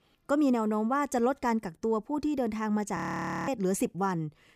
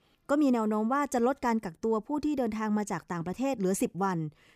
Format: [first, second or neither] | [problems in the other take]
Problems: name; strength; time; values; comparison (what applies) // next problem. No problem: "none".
second | audio freezing; at 3 s for 0.5 s